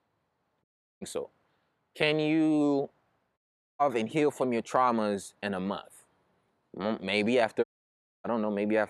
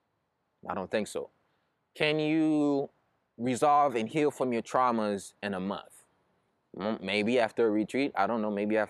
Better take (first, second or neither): second